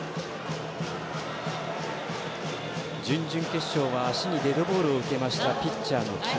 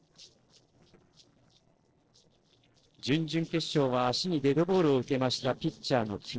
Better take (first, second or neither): first